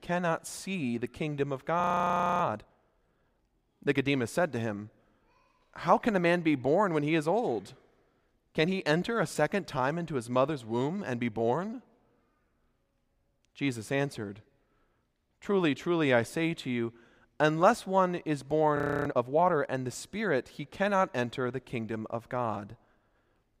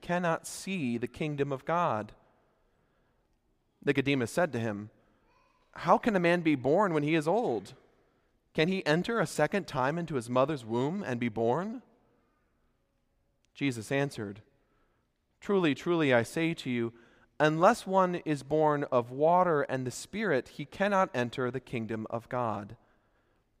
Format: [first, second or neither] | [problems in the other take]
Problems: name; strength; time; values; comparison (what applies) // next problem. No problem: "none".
second | audio freezing; at 2 s for 0.5 s and at 19 s